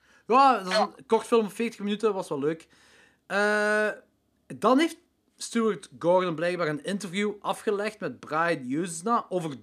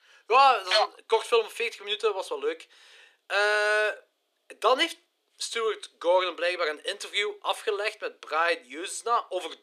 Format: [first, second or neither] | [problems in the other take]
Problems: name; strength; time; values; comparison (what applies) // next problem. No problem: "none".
first | thin; very; fading below 400 Hz